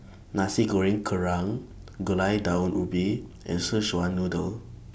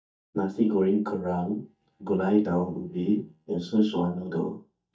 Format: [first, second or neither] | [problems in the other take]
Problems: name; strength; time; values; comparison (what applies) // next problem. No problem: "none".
first | noise reduction (neural mask model DeepFilterNet 3)